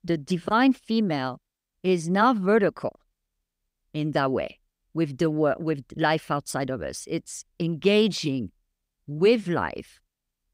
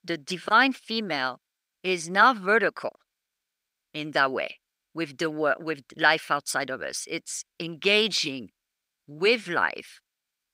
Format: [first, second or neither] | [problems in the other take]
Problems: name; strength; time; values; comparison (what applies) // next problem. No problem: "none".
first | thin; somewhat; fading below 800 Hz